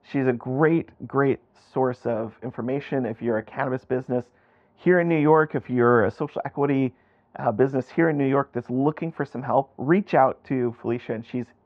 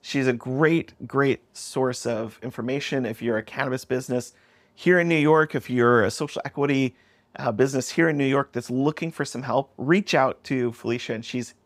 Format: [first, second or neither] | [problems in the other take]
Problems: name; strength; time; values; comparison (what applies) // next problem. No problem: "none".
second | muffled; very; fading above 1.5 kHz